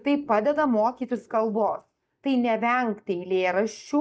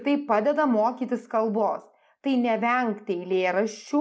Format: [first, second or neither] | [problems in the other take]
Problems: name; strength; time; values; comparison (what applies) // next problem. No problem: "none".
second | noise reduction (neural mask model DeepFilterNet 3)